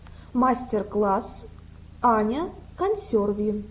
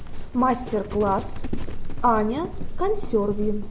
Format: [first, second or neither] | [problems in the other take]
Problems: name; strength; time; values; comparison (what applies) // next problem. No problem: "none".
first | background sound (Livestock, farm animals, working animals); 2 dB below the speech